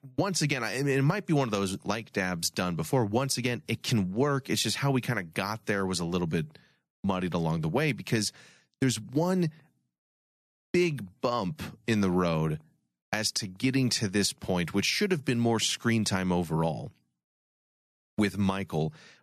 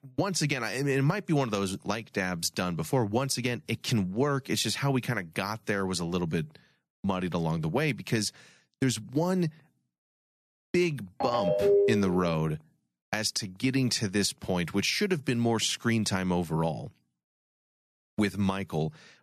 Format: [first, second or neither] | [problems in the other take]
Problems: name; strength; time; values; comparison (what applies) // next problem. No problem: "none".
first | phone ringing; loud; from 11 to 12 s; peak 6 dB above the speech